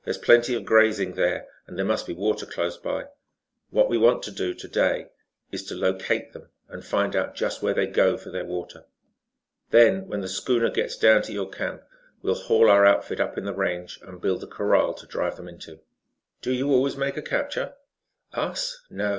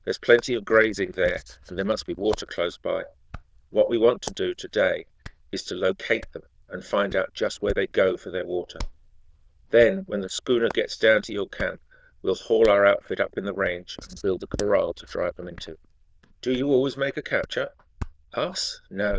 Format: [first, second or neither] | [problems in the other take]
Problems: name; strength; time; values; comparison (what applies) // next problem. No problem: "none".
first | noise reduction (neural diffusion model UNIVERSE++)